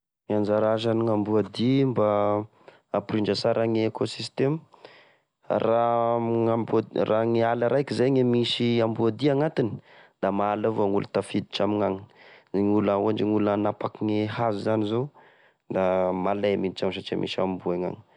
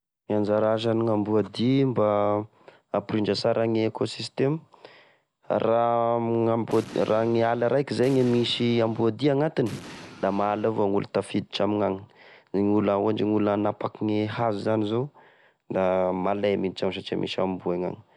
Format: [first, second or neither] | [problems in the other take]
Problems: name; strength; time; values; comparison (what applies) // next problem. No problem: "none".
first | background sound (Explosion); 19 dB below the speech